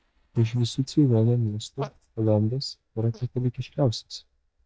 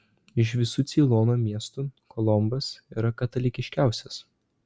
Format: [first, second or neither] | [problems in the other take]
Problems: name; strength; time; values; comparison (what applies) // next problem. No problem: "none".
second | noise reduction (neural mask model DeepFilterNet 3)